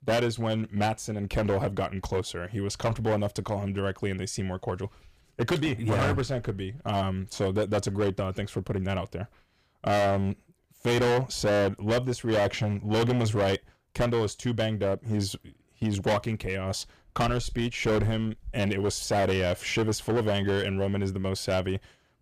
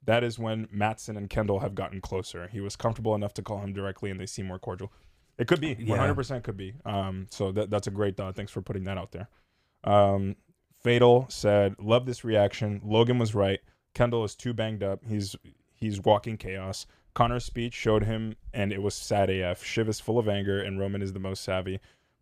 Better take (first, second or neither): second